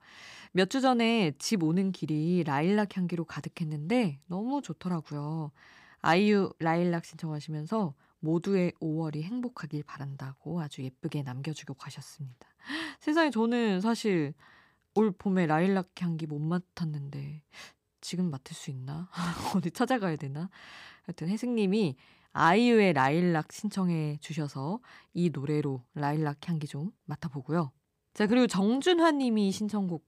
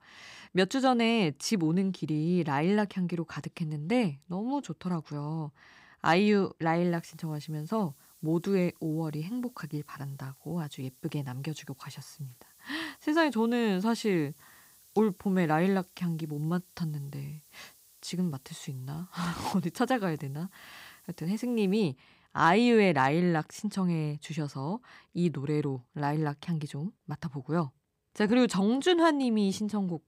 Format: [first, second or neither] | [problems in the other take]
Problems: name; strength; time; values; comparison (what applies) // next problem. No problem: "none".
first | hiss; faint; from 7 to 22 s; 25 dB below the speech